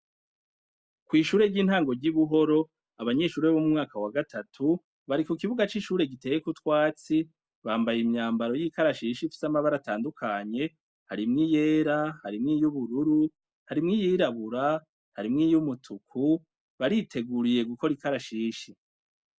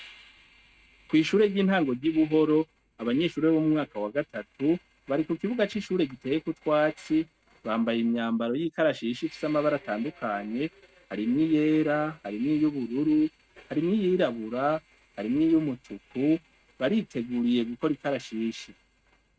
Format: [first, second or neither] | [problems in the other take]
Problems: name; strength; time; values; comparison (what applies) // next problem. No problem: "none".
first | noise reduction (neural mask model RNNoise)